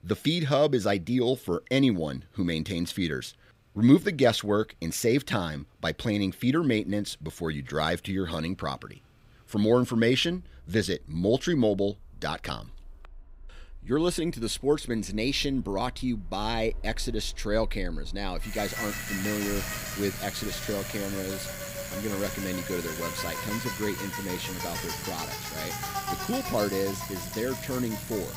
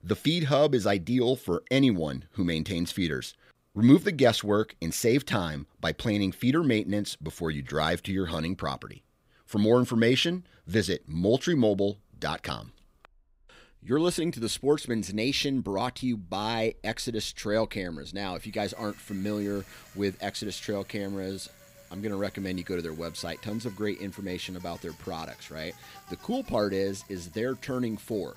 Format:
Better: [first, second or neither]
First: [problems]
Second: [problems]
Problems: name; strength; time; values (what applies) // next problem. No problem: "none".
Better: second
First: traffic noise; loud; throughout; 7 dB below the speech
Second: traffic noise; faint; throughout; 25 dB below the speech